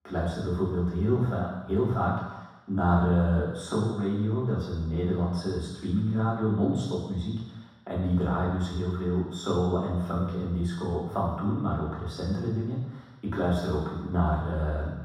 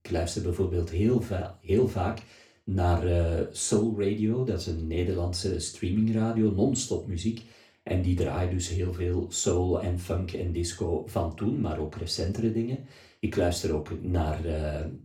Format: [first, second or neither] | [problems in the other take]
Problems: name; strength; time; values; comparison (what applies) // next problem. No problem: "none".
second | room echo; strong; dies away in 1.2 s; slight in the second // off-mic speech; far; far in the second